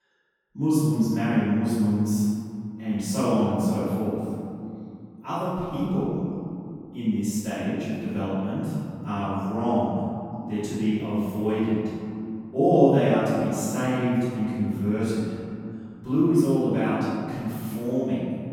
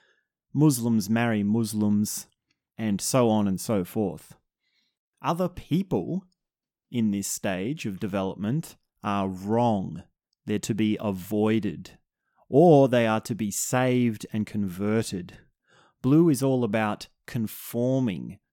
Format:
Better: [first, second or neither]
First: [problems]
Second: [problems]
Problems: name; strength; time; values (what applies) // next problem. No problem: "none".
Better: second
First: off-mic speech; far // room echo; strong; dies away in 2.6 s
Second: none